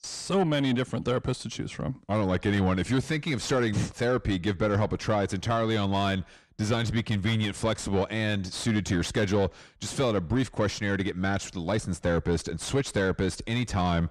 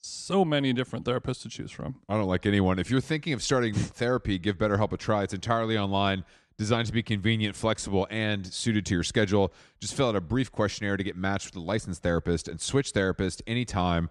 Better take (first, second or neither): second